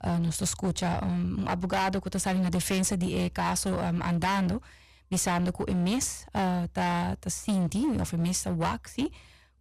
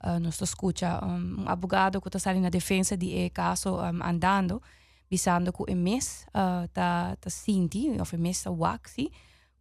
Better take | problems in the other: second | distortion; heavy; 17% of the sound clipped

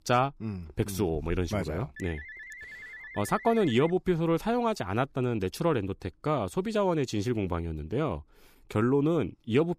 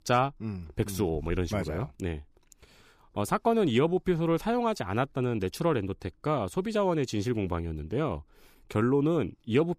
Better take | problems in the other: second | phone ringing; faint; from 2 to 4 s; peak 15 dB below the speech

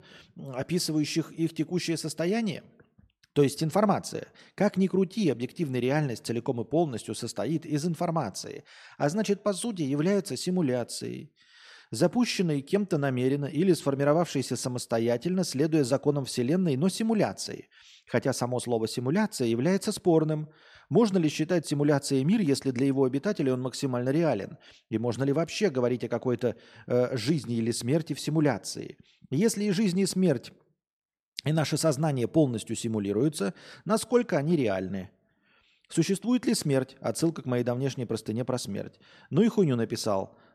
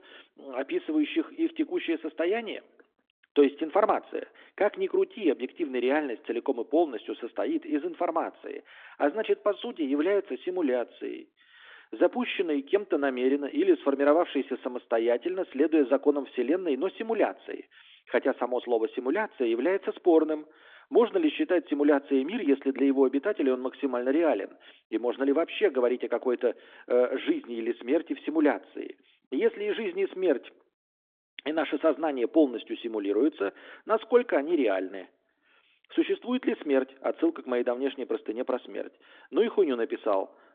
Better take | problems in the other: first | phone-call audio; nothing above 3.5 kHz

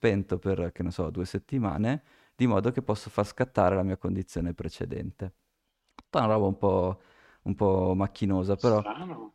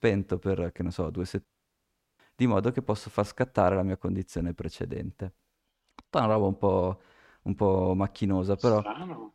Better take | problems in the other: first | audio cutting out; at 1.5 s for 0.5 s

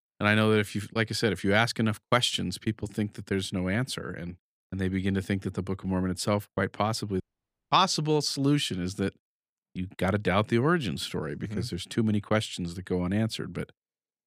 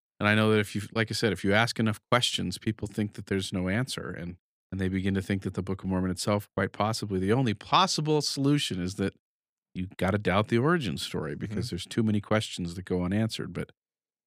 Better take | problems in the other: second | audio cutting out; at 7 s for 0.5 s

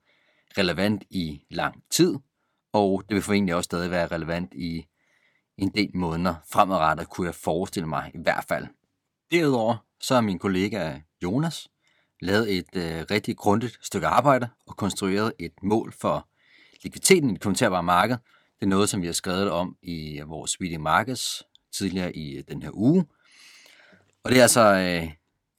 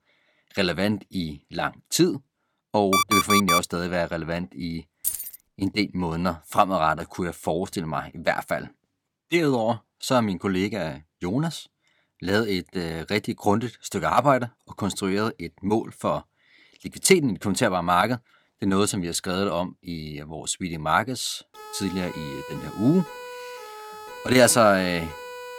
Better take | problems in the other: first | alarm; loud; at 3 s; peak 5 dB above the speech // jangling keys; noticeable; at 5 s; peak 3 dB below the speech // siren; faint; from 22 s on; peak 15 dB below the speech

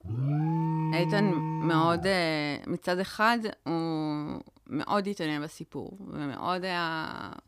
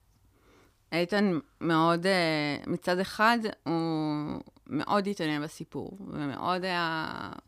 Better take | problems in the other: second | alarm; loud; until 2 s; peak 2 dB above the speech

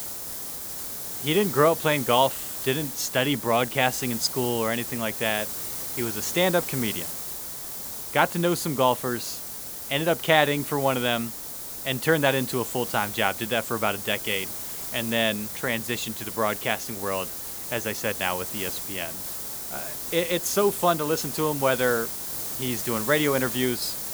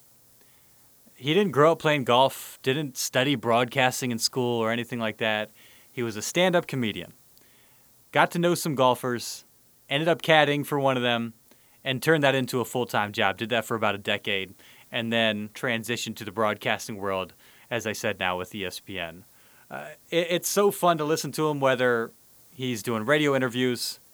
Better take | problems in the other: second | hiss; loud; throughout; 5 dB below the speech; faint in the second

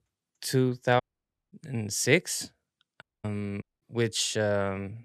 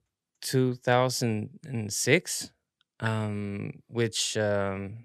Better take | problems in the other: second | audio cutting out; at 1 s for 0.5 s, at 3 s and at 3.5 s

